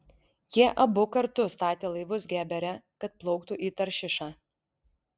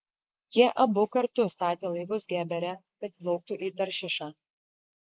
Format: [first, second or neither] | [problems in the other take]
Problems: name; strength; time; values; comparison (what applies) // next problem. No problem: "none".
first | noise reduction (neural mask model Resemble Enhance denoiser)